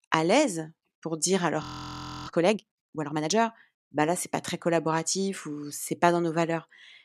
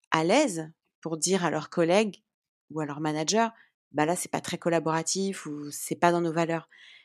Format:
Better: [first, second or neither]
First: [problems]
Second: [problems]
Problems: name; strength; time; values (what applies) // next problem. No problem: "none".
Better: second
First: audio freezing; at 1.5 s for 0.5 s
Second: none